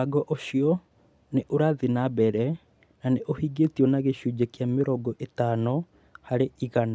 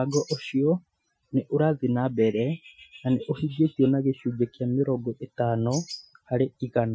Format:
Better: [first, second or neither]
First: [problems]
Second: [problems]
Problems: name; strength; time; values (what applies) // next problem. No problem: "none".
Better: first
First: none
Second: noise reduction (classical method Wiener filter)